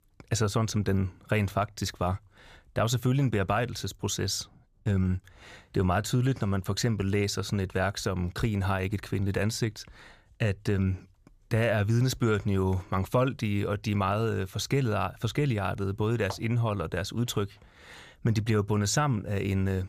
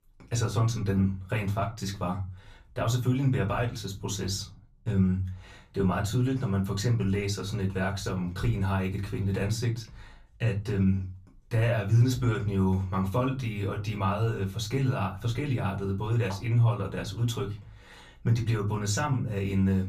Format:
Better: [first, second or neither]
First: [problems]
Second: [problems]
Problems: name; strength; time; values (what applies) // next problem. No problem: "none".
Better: first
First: none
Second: off-mic speech; far // room echo; very slight; dies away in 0.3 s